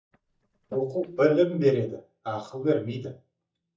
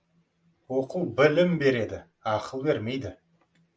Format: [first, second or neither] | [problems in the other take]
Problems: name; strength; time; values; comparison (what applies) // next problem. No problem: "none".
second | noise reduction (neural mask model DeepFilterNet 3)